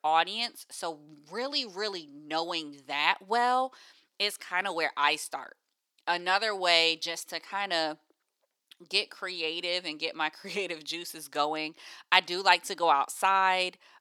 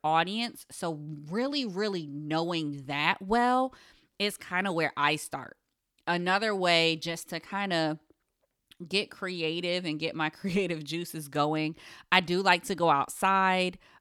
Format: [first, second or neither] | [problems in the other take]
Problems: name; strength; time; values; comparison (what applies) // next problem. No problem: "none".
second | thin; somewhat; fading below 450 Hz